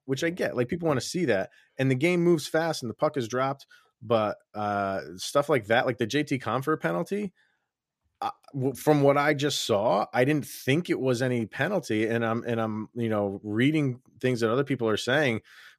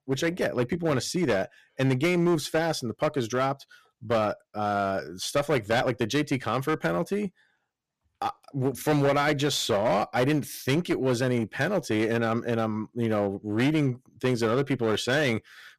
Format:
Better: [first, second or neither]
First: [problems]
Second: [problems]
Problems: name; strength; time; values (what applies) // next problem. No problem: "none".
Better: first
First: none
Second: distortion; slight; 10% of the sound clipped